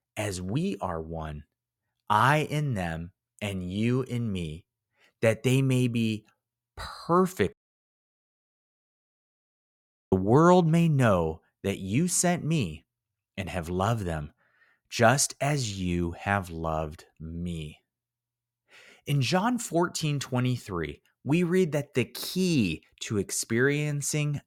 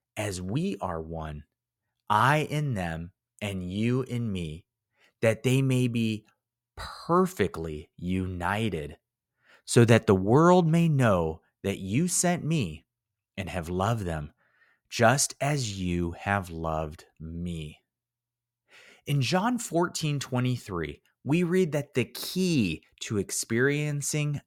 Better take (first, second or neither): second